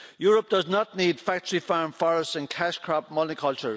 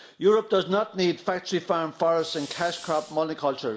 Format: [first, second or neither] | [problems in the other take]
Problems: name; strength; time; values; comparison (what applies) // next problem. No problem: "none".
first | background sound (Fire); 18 dB below the speech // room echo; dies away in 0.5 s